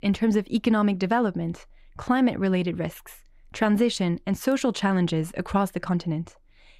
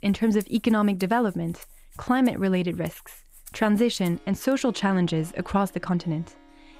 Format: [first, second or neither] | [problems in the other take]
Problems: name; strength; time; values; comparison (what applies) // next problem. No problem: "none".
first | background music; faint; throughout; 25 dB below the speech